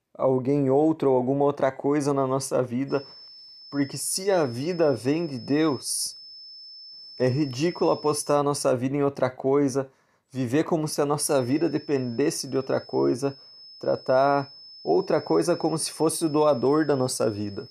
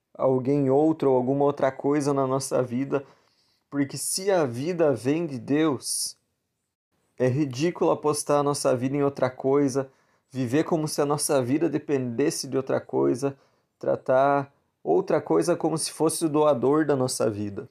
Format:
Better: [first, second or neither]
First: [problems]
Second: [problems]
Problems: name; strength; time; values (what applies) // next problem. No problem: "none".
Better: second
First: high-pitched whine; noticeable; from 3 to 8.5 s and from 11 s on; 5.5 kHz, 20 dB below the speech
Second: none